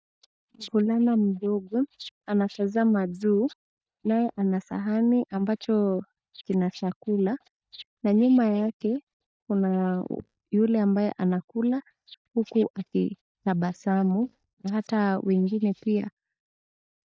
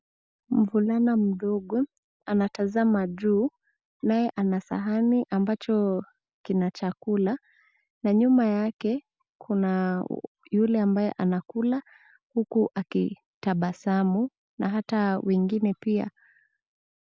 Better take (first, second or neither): second